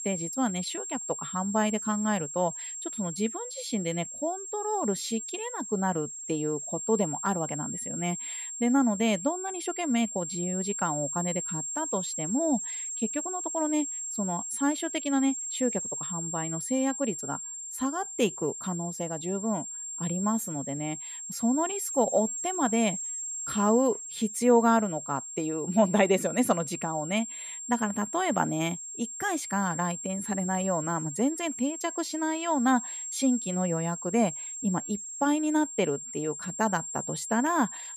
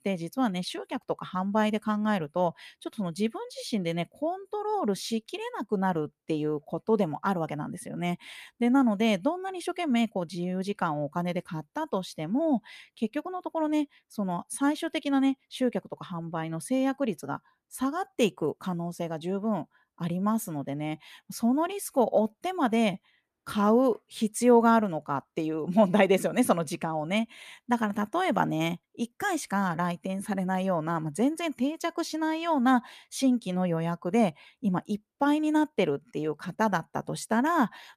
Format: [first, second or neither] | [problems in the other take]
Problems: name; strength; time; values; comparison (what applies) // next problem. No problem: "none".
second | high-pitched whine; loud; throughout; 7.5 kHz, 5 dB below the speech